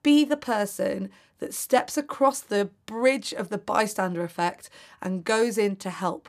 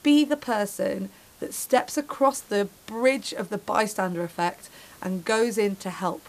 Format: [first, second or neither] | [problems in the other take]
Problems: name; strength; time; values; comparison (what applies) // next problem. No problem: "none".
first | hiss; faint; throughout; 25 dB below the speech